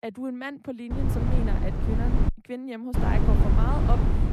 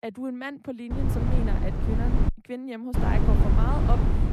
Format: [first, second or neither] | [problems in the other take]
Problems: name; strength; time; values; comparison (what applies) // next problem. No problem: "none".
neither | wind noise on the microphone; heavy; from 1 to 2.5 s and from 3 s on; as loud as the speech; the same in both